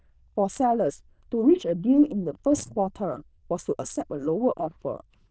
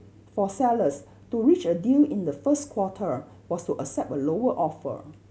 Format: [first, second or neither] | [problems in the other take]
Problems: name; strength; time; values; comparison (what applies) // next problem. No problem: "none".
second | noise reduction (neural diffusion model UNIVERSE++)